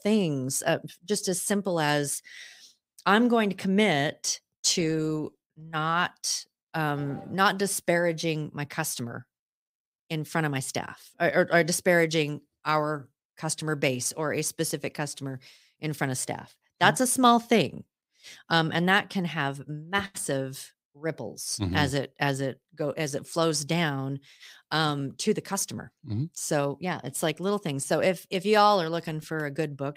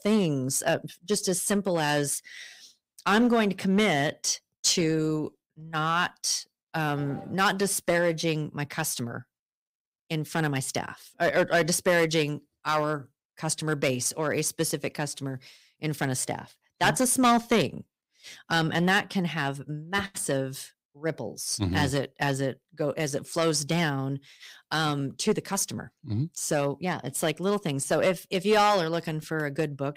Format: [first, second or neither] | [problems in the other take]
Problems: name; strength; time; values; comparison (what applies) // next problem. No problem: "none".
first | distortion; slight; 2% of the sound clipped